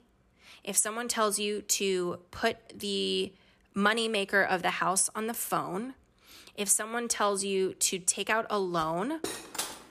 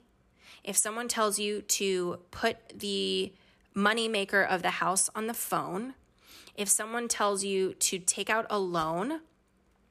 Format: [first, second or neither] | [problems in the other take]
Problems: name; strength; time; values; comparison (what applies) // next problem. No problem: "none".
second | clattering dishes; noticeable; at 9 s; peak 6 dB below the speech